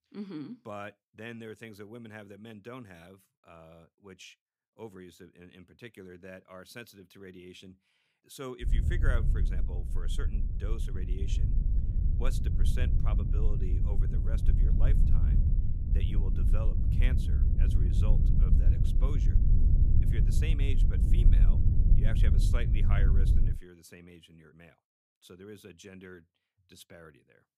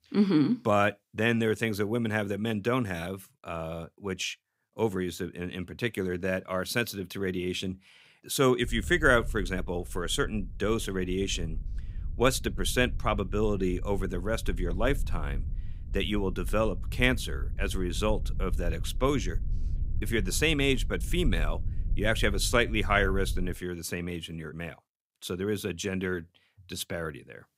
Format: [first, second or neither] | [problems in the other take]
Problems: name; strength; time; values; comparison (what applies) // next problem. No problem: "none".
second | low rumble; loud; from 8.5 to 24 s; as loud as the speech; faint in the second